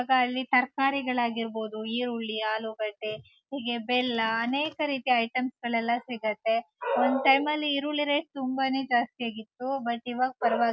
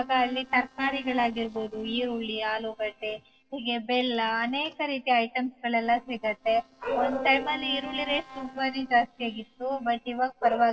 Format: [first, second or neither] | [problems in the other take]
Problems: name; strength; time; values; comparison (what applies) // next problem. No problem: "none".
first | noise reduction (neural separator model SepFormer DNS4)